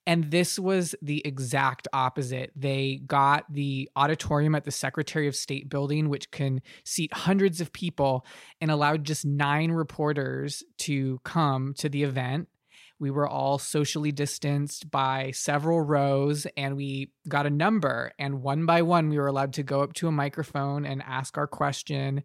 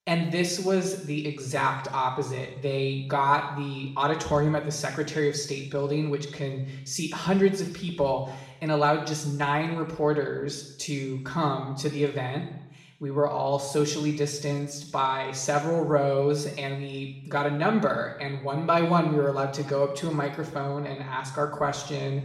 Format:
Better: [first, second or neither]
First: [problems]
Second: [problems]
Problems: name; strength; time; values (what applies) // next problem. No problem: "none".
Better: first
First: none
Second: room echo; noticeable; dies away in 0.8 s // off-mic speech; somewhat distant